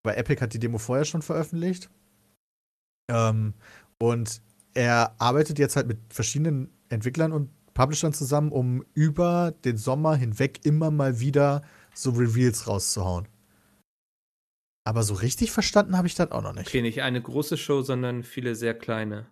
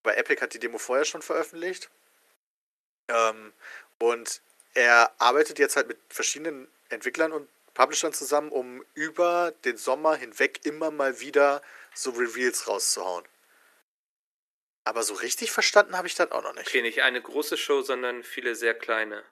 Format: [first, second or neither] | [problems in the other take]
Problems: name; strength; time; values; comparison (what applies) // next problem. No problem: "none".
first | thin; very; fading below 350 Hz